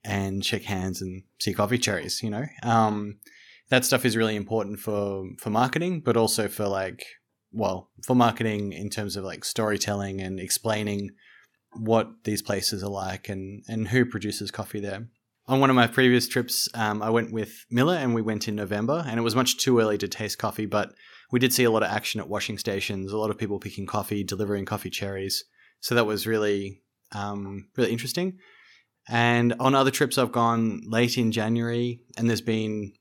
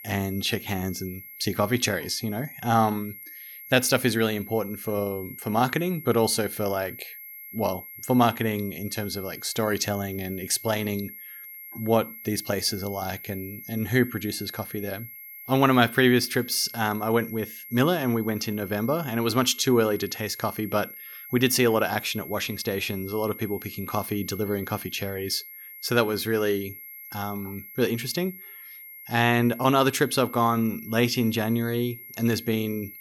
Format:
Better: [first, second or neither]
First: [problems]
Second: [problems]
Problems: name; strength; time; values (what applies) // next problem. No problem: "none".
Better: first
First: none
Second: high-pitched whine; noticeable; throughout; 11.5 kHz, 15 dB below the speech